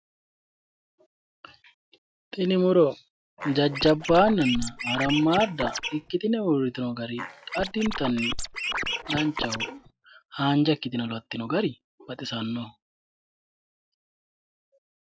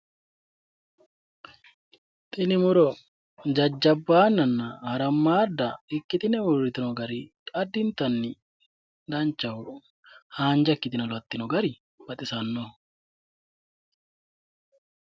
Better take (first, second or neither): second